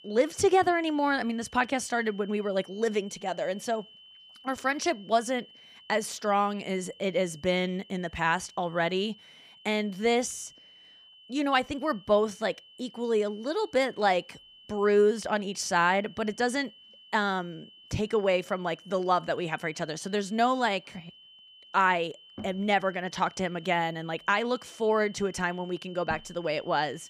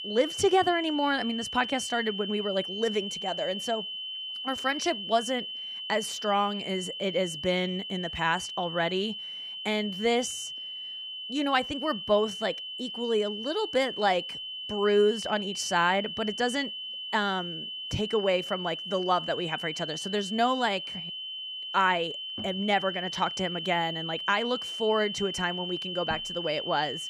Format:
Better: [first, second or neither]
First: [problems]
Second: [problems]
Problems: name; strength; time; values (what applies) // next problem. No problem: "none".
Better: first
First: high-pitched whine; faint; throughout; 3 kHz, 25 dB below the speech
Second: high-pitched whine; loud; throughout; 3 kHz, 6 dB below the speech